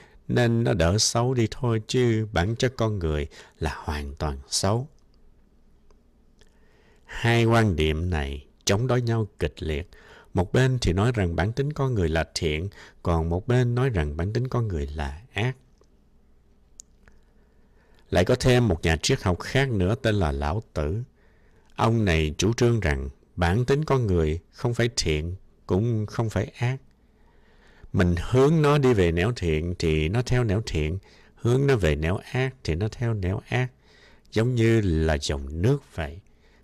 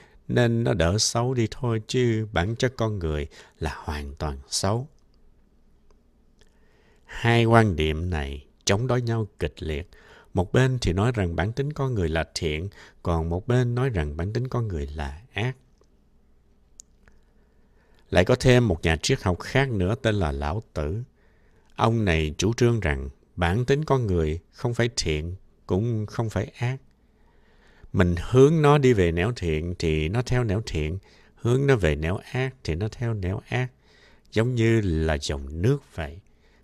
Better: second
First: distortion; slight; 2% of the sound clipped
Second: none

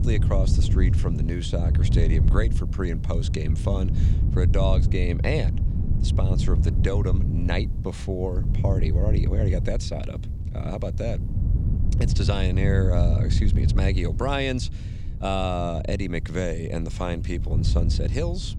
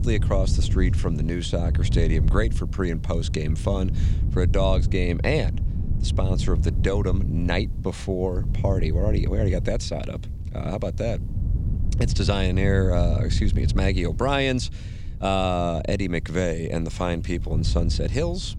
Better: second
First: wind noise on the microphone; heavy; 8 dB below the speech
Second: wind noise on the microphone; occasional gusts; 15 dB below the speech

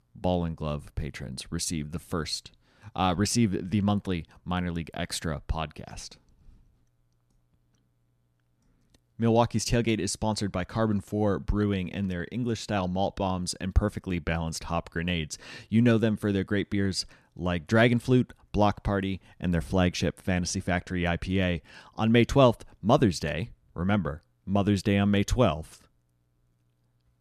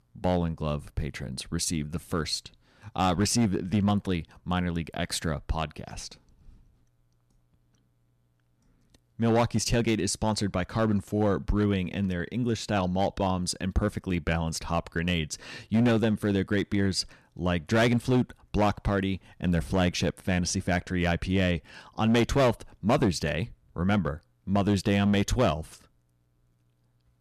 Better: first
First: none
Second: distortion; slight; 4% of the sound clipped

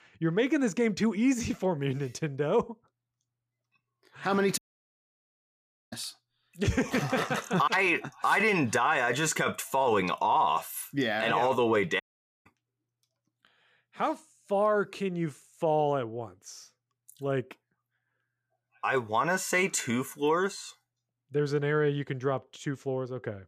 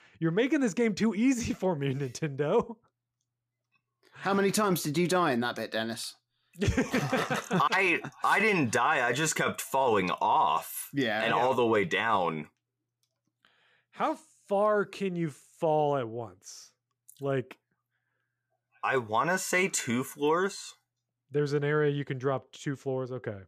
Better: second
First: audio cutting out; at 4.5 s for 1.5 s and at 12 s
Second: none

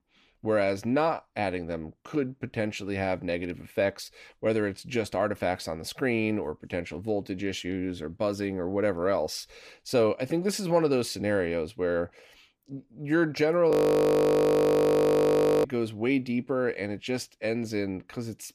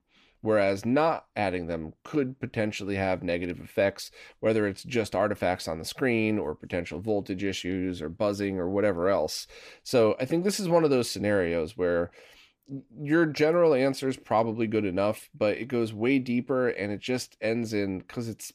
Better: second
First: audio freezing; at 14 s for 2 s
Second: none

